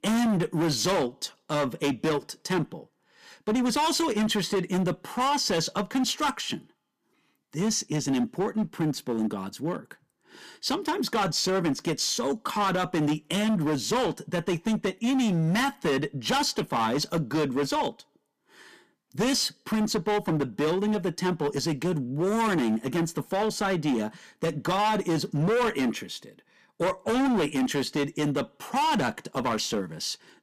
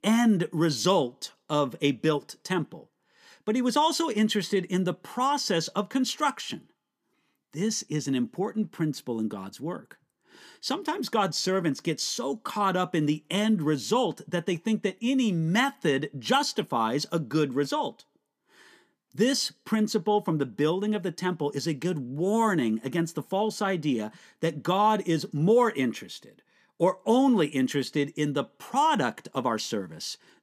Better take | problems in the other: second | distortion; heavy; 16% of the sound clipped

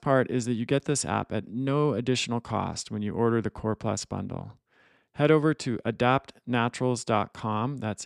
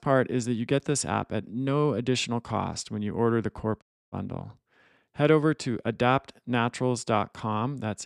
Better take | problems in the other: first | audio cutting out; at 4 s

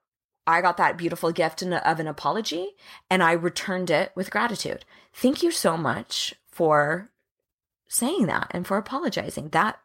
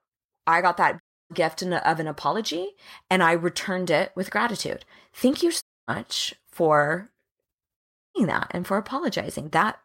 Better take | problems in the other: first | audio cutting out; at 1 s, at 5.5 s and at 8 s

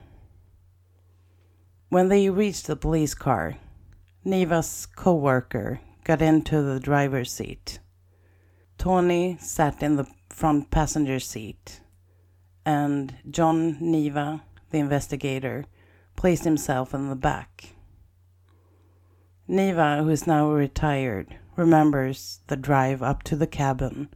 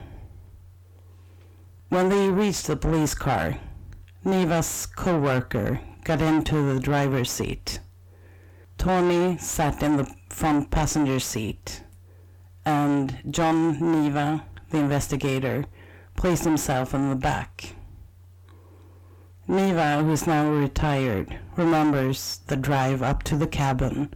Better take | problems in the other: first | distortion; heavy; 6 dB below the speech

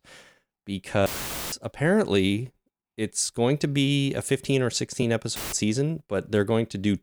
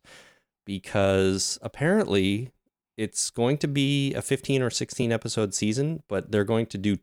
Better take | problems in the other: second | audio cutting out; filled with static; at 1 s and at 5.5 s

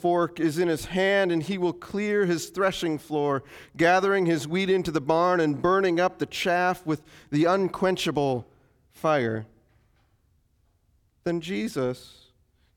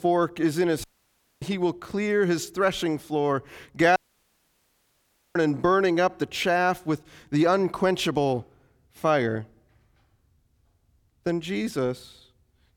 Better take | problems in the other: first | audio cutting out; at 1 s for 0.5 s and at 4 s for 1.5 s

